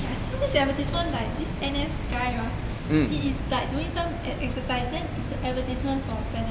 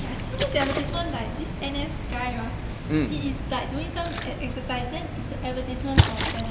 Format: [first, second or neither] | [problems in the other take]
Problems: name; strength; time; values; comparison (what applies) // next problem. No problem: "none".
first | background sound (Splash, splatter); 3 dB below the speech